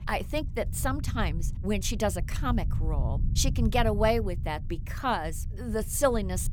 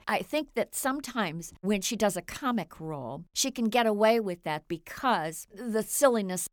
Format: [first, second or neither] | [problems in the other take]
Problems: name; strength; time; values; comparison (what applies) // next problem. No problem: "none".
second | low rumble; noticeable; throughout; 20 dB below the speech